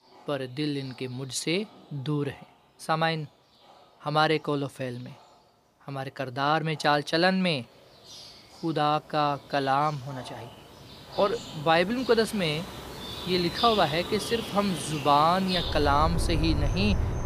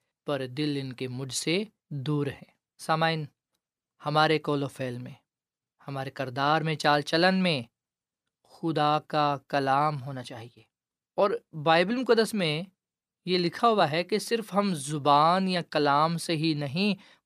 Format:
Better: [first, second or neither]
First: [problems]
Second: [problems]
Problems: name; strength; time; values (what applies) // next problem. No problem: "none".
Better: second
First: animal sounds; loud; throughout; 8 dB below the speech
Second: none